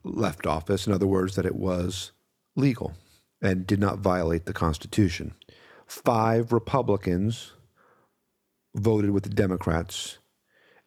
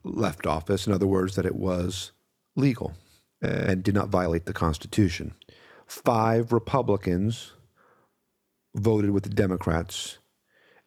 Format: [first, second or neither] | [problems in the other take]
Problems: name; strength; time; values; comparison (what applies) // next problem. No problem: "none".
first | audio freezing; at 3.5 s